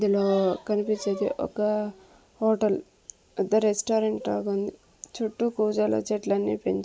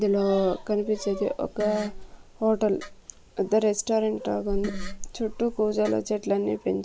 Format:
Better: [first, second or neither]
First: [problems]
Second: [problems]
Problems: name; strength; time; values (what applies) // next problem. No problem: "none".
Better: first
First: none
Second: background sound (Dog + Fart); 12 dB below the speech